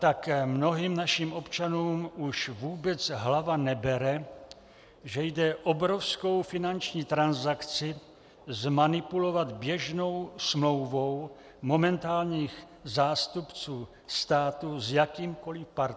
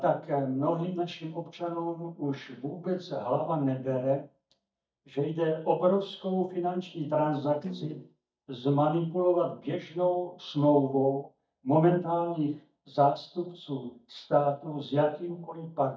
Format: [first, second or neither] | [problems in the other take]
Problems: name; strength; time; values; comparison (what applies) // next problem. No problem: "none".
first | noise reduction (neural mask model DeepFilterNet 3)